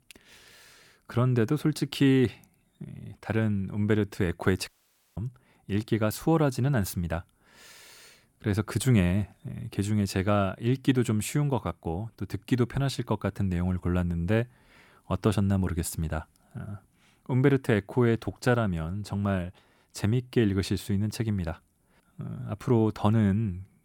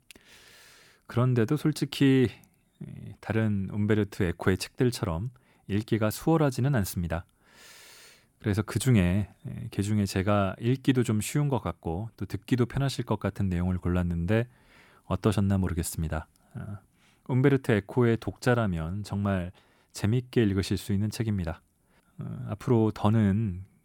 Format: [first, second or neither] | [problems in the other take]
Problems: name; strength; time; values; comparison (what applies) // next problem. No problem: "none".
second | audio cutting out; at 4.5 s